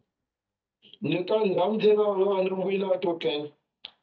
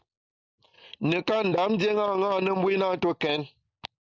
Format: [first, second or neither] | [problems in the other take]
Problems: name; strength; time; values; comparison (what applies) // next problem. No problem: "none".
second | noise reduction (neural mask model DeepFilterNet 3)